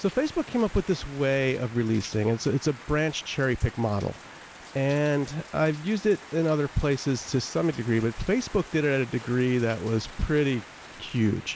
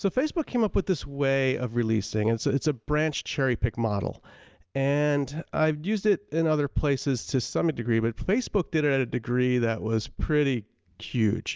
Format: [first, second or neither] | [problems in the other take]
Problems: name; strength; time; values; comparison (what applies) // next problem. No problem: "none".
second | background sound (Rain); 19 dB below the speech